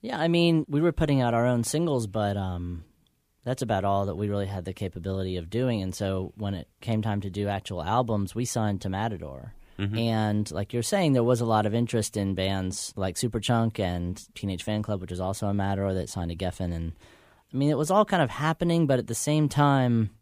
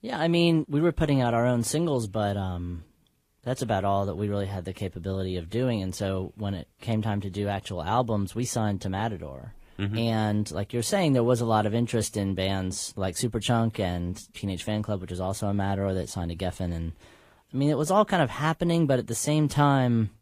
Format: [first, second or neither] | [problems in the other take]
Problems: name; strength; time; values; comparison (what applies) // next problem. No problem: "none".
first | garbled, watery; slightly